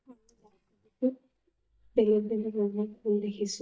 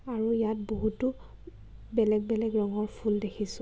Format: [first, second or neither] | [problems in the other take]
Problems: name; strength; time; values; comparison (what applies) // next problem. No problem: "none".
second | noise reduction (neural mask model DeepFilterNet 3)